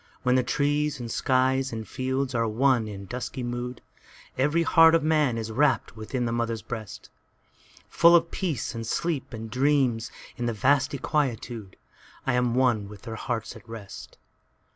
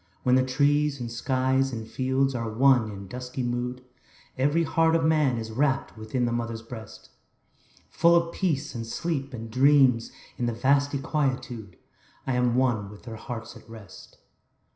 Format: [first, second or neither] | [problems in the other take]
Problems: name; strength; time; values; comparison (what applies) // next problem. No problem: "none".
first | room echo; dies away in 0.5 s